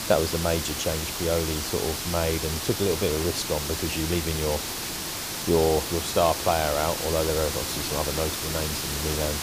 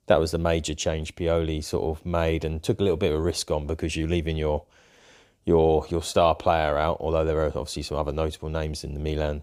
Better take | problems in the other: second | hiss; loud; throughout; 2 dB below the speech

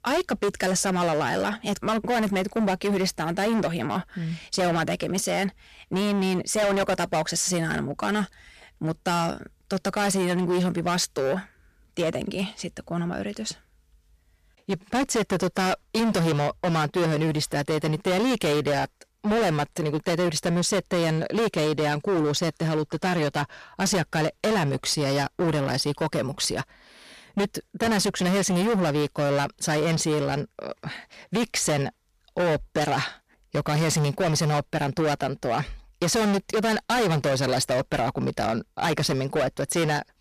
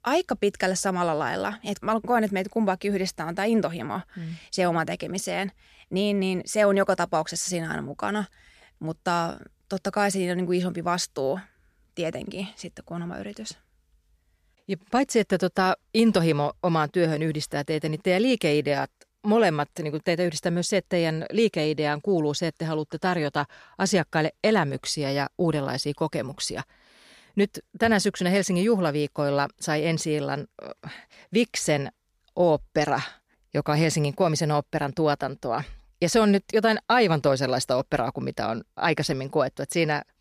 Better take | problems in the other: second | distortion; heavy; 21% of the sound clipped

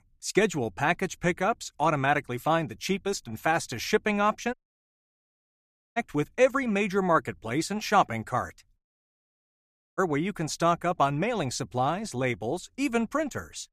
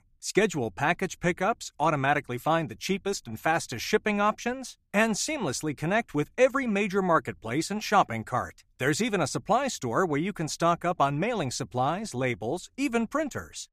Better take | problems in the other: second | audio cutting out; at 4.5 s for 1.5 s and at 9 s for 1 s

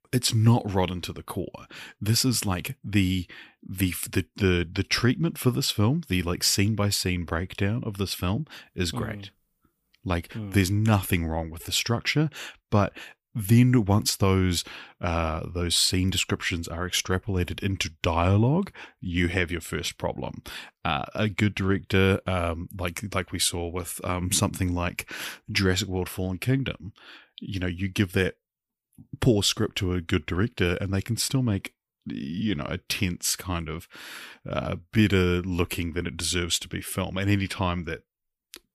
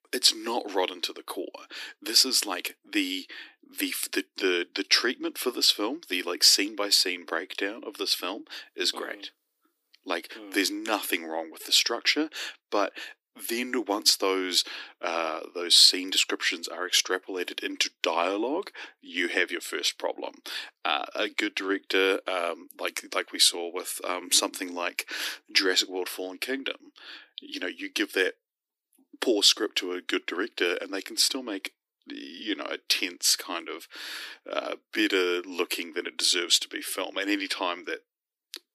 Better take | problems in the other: first | thin; somewhat; fading below 300 Hz

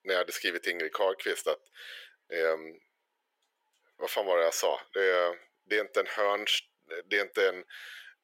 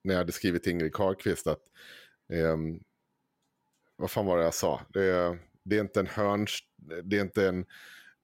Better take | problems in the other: second | thin; very; fading below 450 Hz

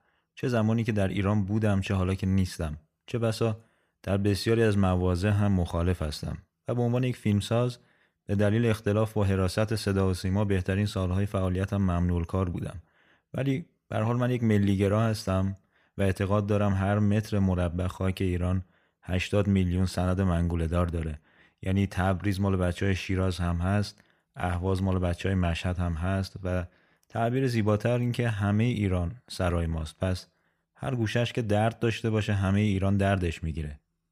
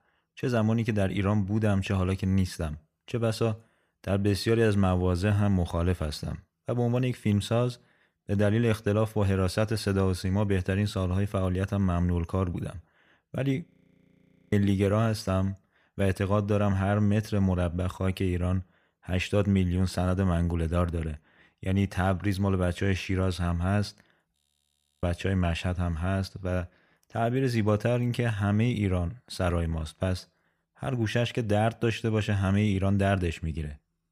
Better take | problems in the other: first | audio freezing; at 14 s for 1 s and at 24 s for 0.5 s

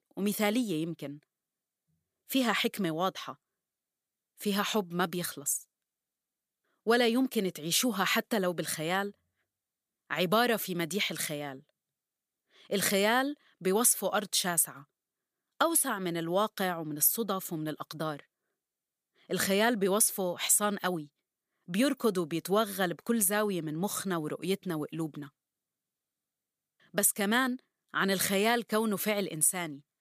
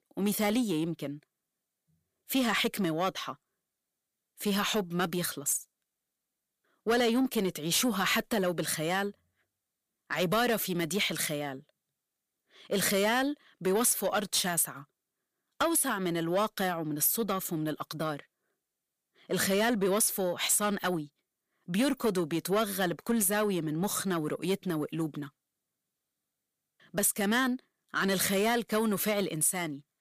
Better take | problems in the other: first | distortion; slight; 10 dB below the speech

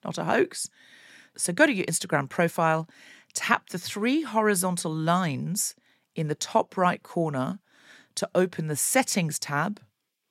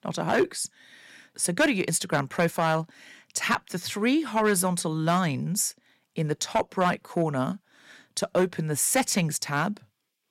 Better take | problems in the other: first | distortion; slight; 2% of the sound clipped

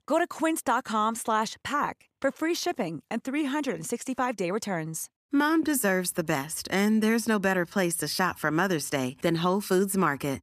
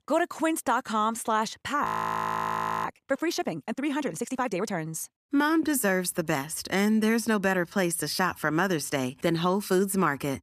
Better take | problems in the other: first | audio freezing; at 2 s for 1 s

